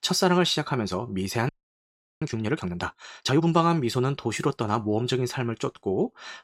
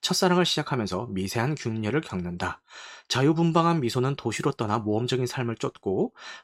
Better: second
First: audio freezing; at 1.5 s for 0.5 s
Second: none

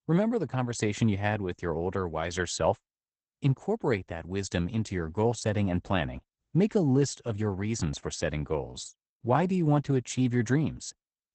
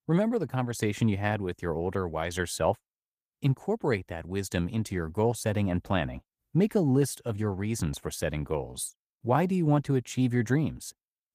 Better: second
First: garbled, watery; badly; nothing above 8 kHz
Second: garbled, watery; slightly; nothing above 15 kHz

